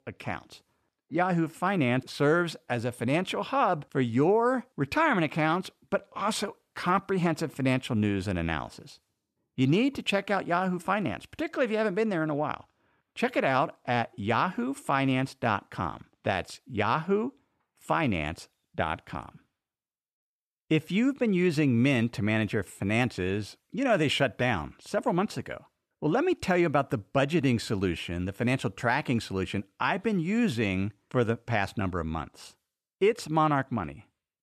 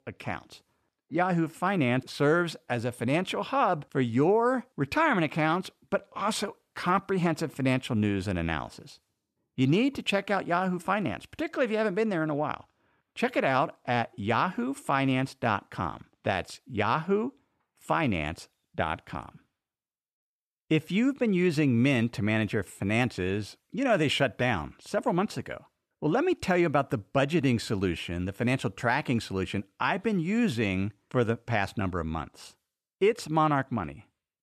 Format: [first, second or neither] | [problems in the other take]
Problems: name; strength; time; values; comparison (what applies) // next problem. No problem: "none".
neither | none